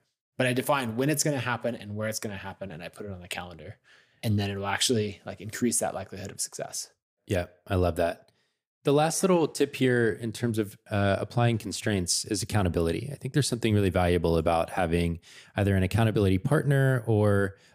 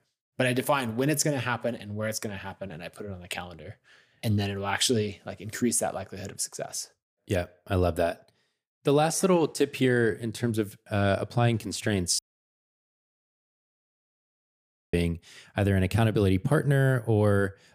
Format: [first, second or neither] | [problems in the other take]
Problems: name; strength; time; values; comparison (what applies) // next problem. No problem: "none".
first | audio cutting out; at 12 s for 2.5 s